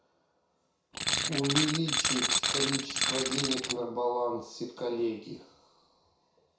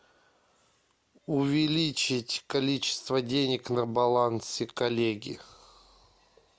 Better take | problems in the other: second | background sound (Tools); 4 dB above the speech // room echo; dies away in 0.6 s

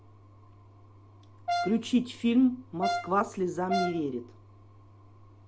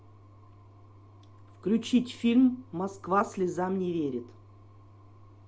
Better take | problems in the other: second | background sound (Brass instrument); 3 dB below the speech

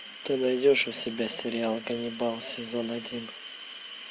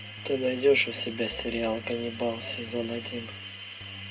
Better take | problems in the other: first | background sound (Keyboard (musical)); 16 dB below the speech // room echo; dies away in 0.2 s

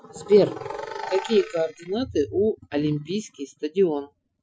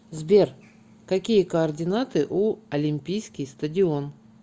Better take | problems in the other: second | noise reduction (classical method Wiener filter)

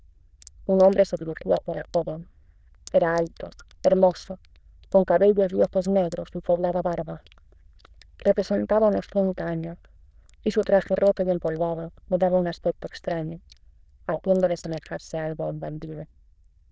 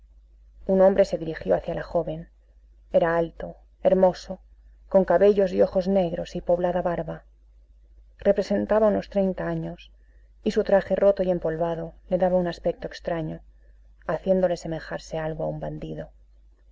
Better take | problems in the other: second | noise reduction (neural diffusion model UNIVERSE++)

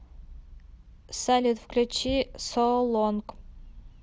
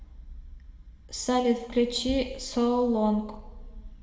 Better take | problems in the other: first | room echo; dies away in 1 s

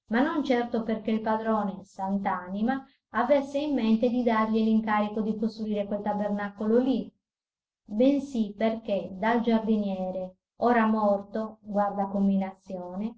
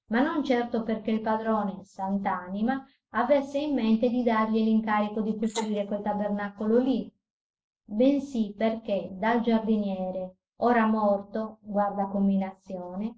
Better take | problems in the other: first | noise reduction (neural mask model Resemble Enhance denoiser)

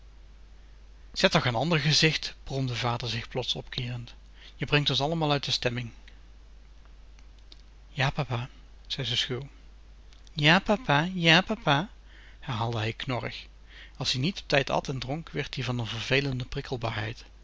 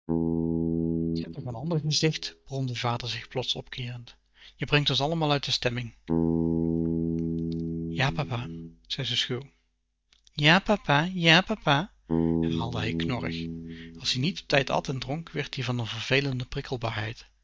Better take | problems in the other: first | noise reduction (neural mask model DeepFilterNet 3)

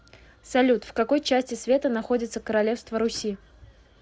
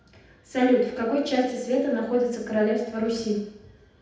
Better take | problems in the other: first | room echo; dies away in 0.8 s

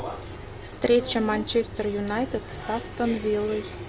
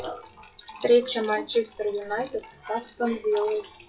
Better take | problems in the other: first | noise reduction (classical method WPE with log-MMSE)

